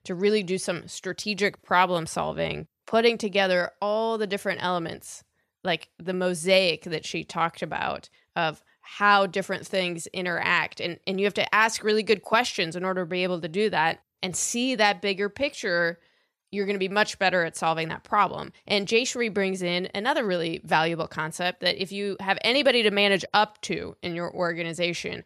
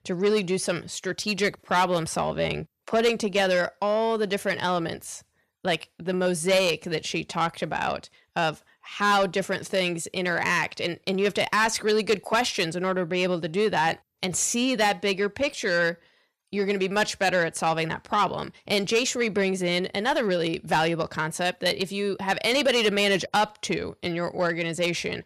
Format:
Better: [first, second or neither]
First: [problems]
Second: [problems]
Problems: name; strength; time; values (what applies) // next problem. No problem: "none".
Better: first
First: none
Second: distortion; slight; 10 dB below the speech